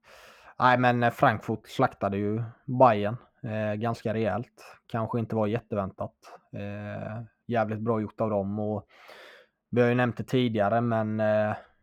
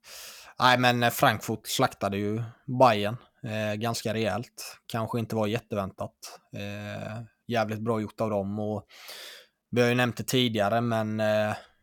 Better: second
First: muffled; very; fading above 3 kHz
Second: none

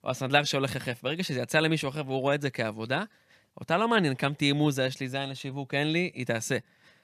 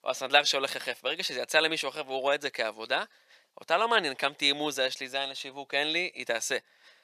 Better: first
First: none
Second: thin; very; fading below 550 Hz

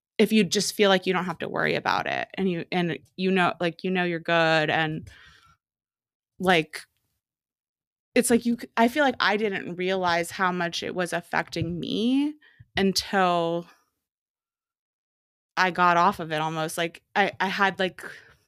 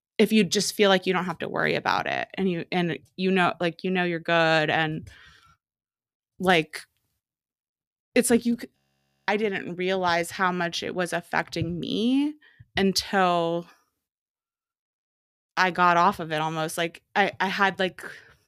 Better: first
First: none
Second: audio freezing; at 9 s for 0.5 s

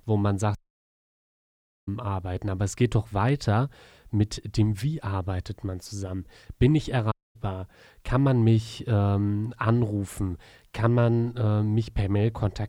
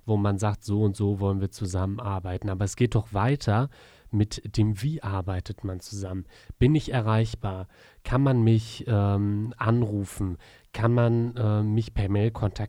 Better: second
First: audio cutting out; at 0.5 s for 1.5 s and at 7 s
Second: none

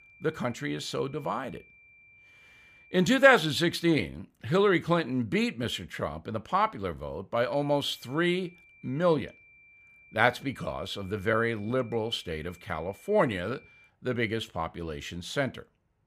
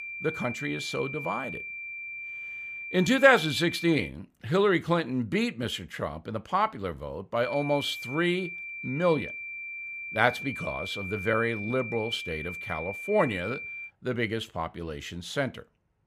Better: first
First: high-pitched whine; faint; until 4 s and from 7.5 to 14 s; 2.5 kHz, 25 dB below the speech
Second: high-pitched whine; loud; until 4 s and from 7.5 to 14 s; 2.5 kHz, 8 dB below the speech

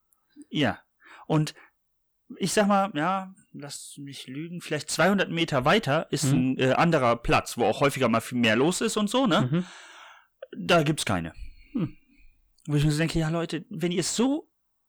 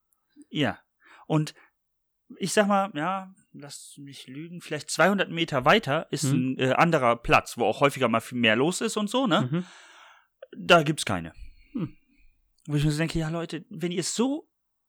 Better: second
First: distortion; slight; 10 dB below the speech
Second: none

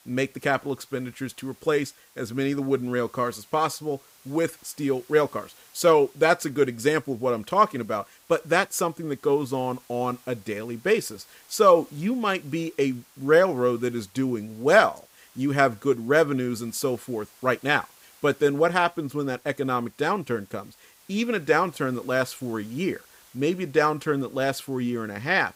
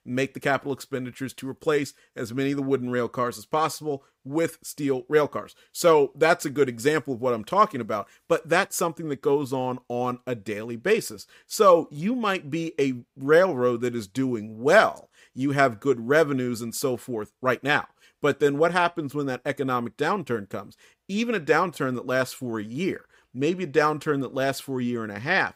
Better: second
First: hiss; faint; throughout; 30 dB below the speech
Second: none

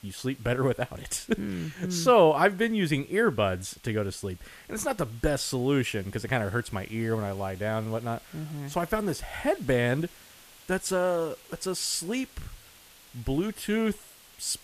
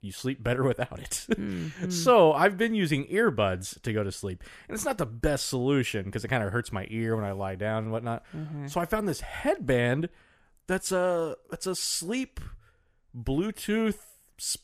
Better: second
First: hiss; faint; throughout; 25 dB below the speech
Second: none

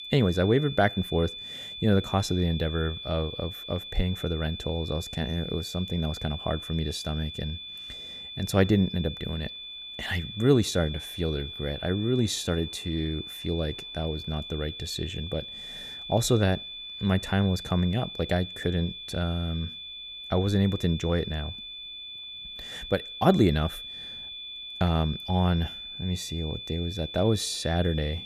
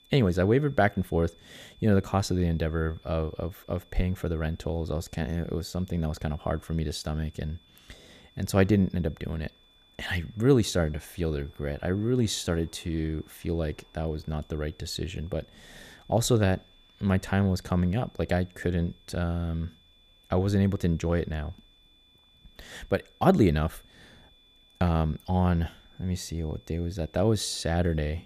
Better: second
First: high-pitched whine; loud; throughout; 3.5 kHz, 9 dB below the speech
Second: high-pitched whine; faint; throughout; 3.5 kHz, 30 dB below the speech

